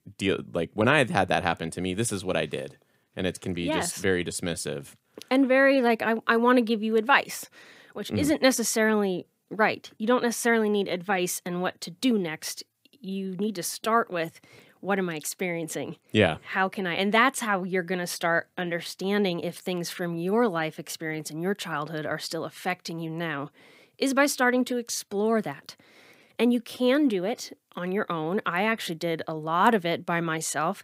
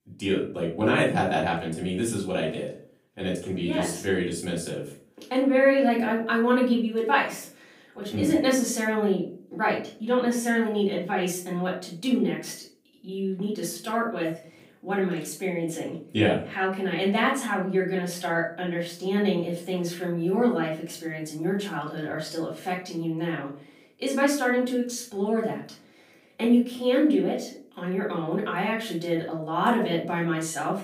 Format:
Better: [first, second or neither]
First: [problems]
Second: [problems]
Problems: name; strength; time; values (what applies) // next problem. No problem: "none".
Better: first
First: none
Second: off-mic speech; far // room echo; noticeable; dies away in 0.4 s